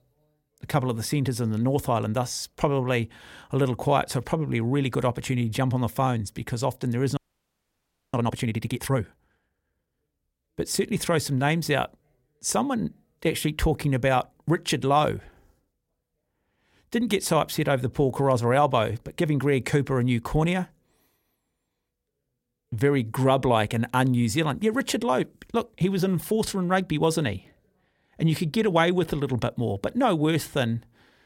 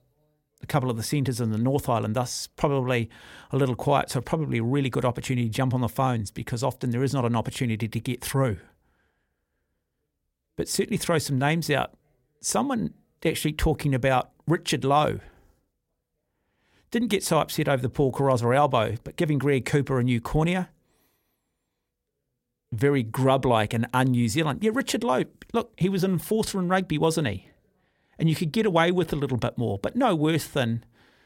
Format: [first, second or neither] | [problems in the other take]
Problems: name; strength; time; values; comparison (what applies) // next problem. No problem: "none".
second | audio freezing; at 7 s for 1 s